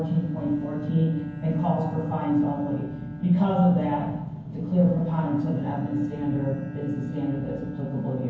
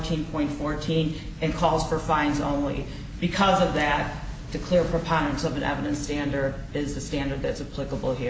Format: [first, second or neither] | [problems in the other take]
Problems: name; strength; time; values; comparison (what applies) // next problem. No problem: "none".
second | background sound (Bowed string instrument); 18 dB below the speech // room echo; dies away in 0.9 s